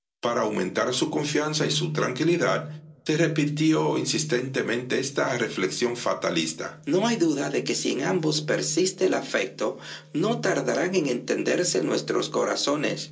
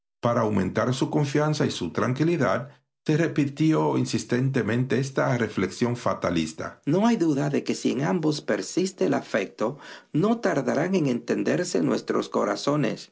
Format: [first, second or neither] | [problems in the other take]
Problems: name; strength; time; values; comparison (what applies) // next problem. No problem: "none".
second | room echo; dies away in 0.2 s